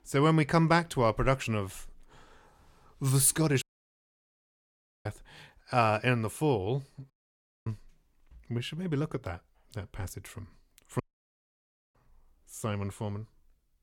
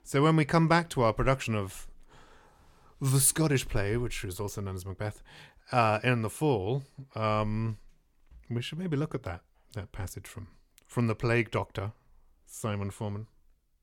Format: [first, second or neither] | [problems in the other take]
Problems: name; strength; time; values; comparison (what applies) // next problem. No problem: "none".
second | audio cutting out; at 3.5 s for 1.5 s, at 7 s for 0.5 s and at 11 s for 1 s